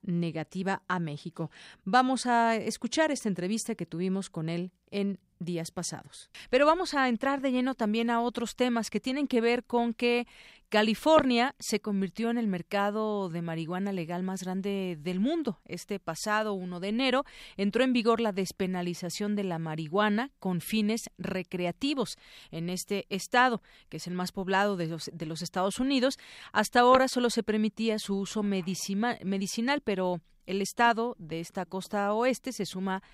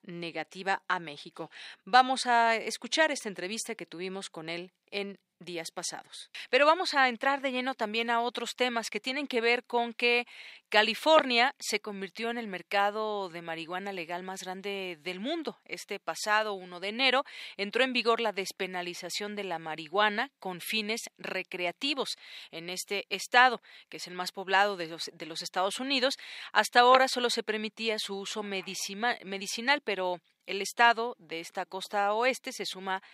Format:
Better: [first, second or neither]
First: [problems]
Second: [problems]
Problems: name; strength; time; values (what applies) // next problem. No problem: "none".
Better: first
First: none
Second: thin; somewhat; fading below 350 Hz